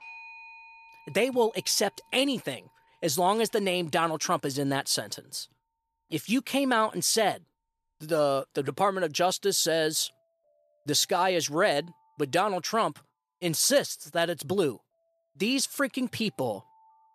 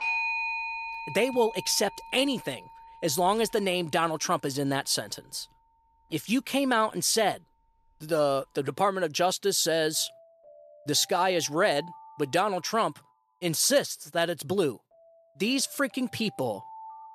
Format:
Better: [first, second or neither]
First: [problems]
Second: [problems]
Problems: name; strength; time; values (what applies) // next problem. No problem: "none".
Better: first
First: alarms or sirens; faint; throughout; 25 dB below the speech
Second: alarms or sirens; loud; throughout; 9 dB below the speech